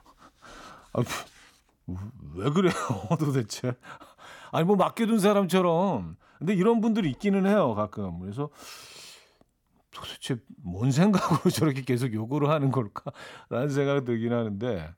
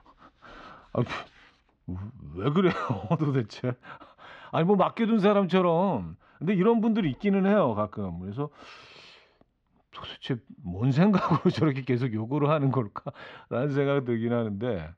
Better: first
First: none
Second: muffled; slightly; fading above 3.5 kHz

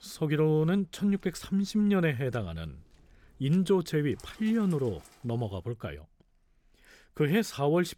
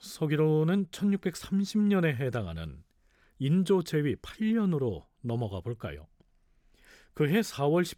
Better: second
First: rain or running water; faint; until 5.5 s; 30 dB below the speech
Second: none

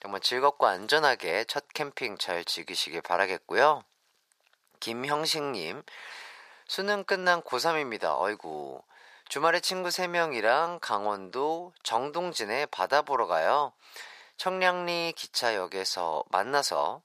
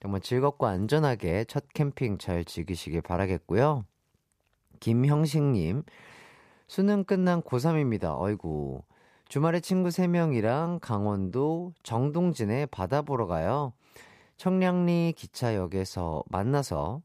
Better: second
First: thin; very; fading below 750 Hz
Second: none

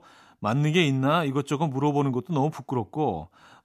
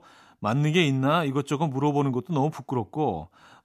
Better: neither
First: none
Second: none

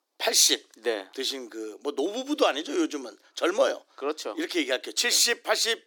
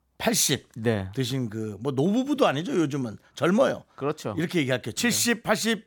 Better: second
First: thin; somewhat; fading below 300 Hz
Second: none

